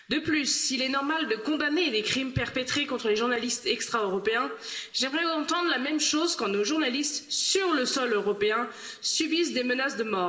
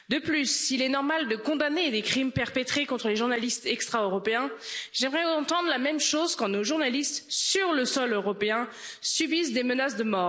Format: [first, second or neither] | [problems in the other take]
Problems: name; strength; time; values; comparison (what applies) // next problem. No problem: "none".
second | room echo; dies away in 1.5 s